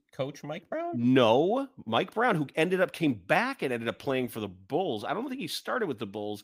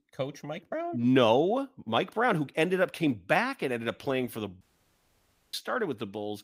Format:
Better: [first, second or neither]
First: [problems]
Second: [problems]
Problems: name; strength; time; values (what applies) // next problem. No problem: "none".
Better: first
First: none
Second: audio cutting out; at 4.5 s for 1 s